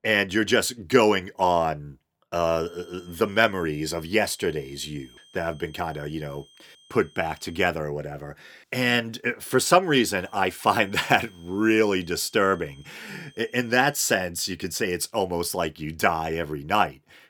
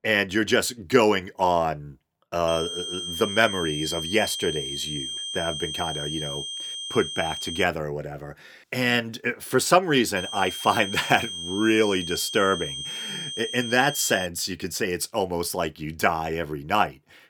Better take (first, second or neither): first